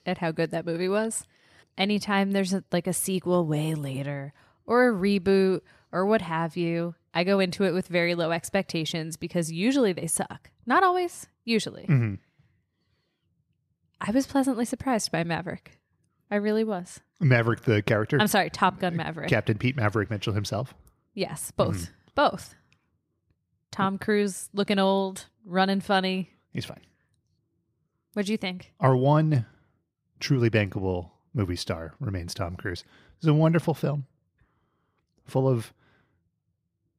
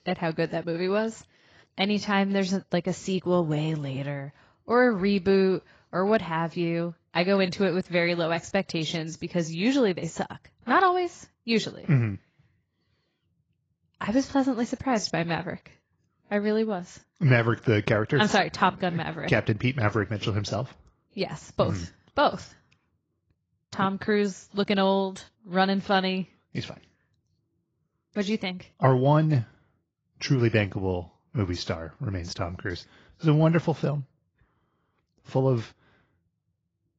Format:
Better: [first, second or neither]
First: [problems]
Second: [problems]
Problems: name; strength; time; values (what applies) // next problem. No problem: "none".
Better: first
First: none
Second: garbled, watery; badly; nothing above 7.5 kHz